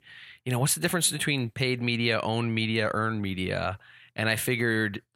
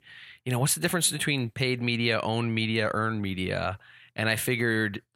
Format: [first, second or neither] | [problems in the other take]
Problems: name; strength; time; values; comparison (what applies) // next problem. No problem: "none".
neither | none